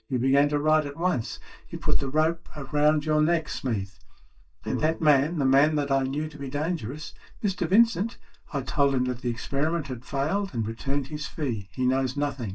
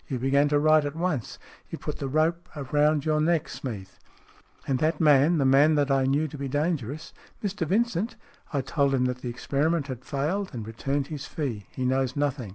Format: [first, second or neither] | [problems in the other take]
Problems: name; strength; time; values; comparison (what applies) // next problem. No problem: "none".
second | noise reduction (neural mask model DeepFilterNet 3)